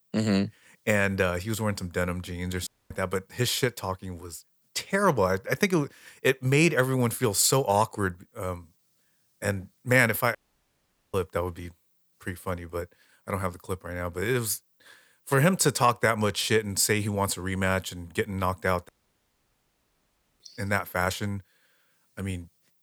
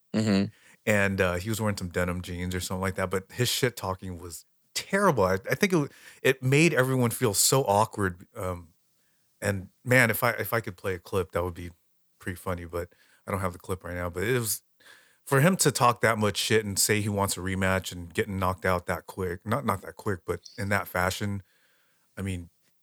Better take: second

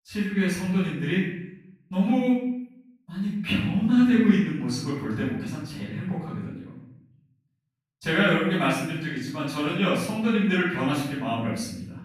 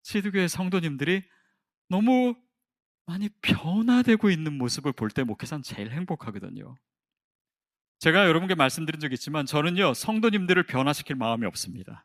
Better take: second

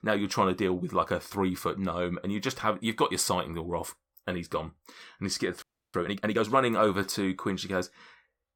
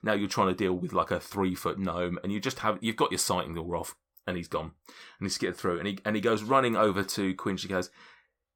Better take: second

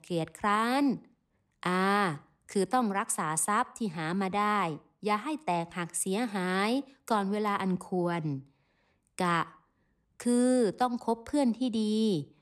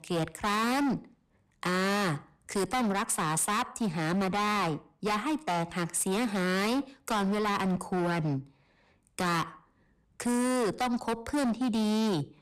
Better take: first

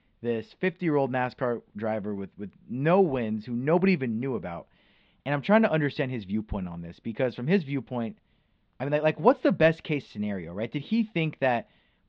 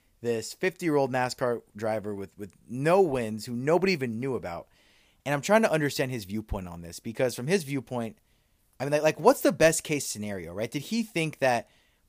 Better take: second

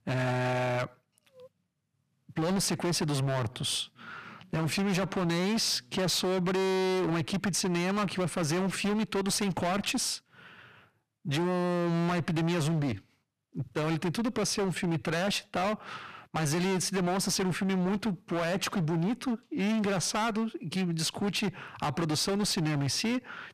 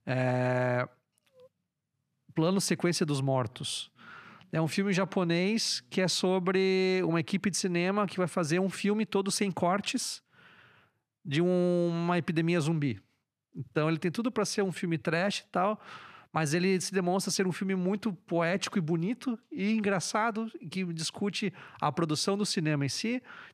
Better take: second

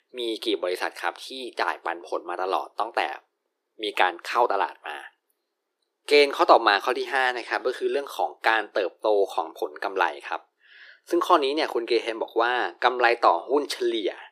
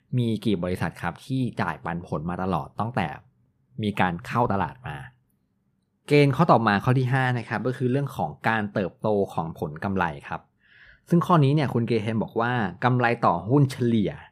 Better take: second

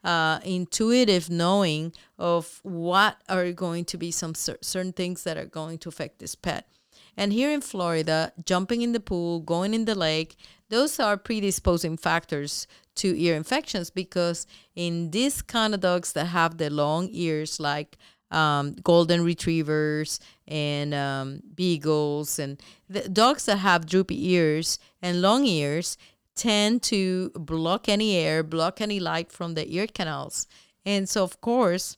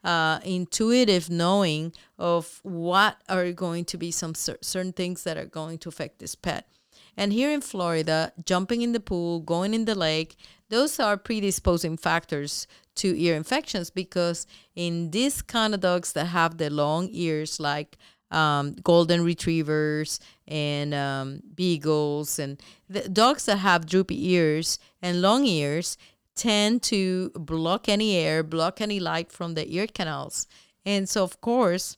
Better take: neither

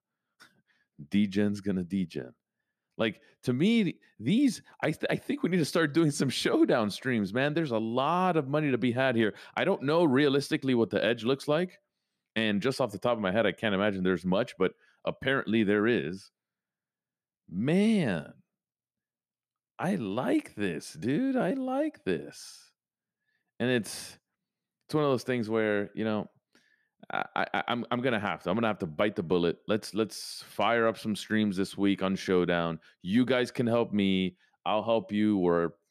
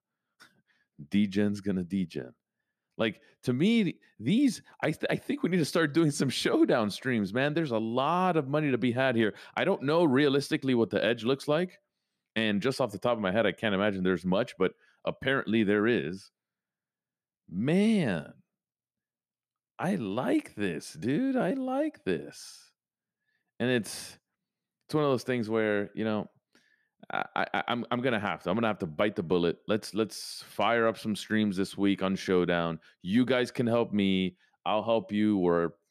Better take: neither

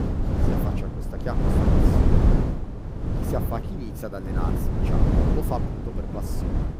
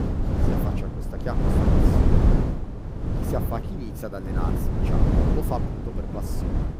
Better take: neither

